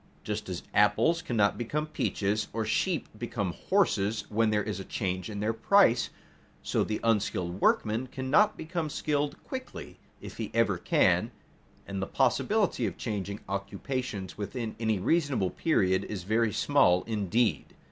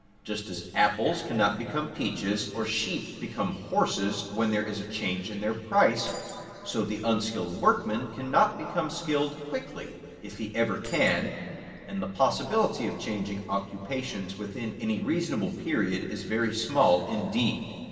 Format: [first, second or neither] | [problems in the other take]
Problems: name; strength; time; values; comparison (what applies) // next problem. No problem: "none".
first | background sound (Keys jangling); 20 dB below the speech // room echo; dies away in 2.8 s